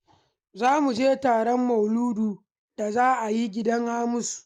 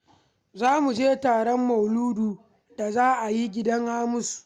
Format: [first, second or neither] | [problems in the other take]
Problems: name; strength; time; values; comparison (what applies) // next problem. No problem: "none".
second | noise reduction (neural mask model Resemble Enhance denoiser)